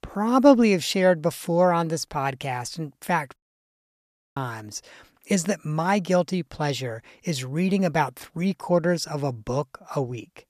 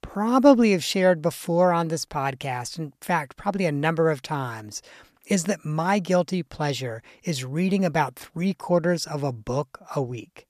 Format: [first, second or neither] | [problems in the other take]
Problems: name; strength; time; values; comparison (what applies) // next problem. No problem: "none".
second | audio cutting out; at 3.5 s for 1 s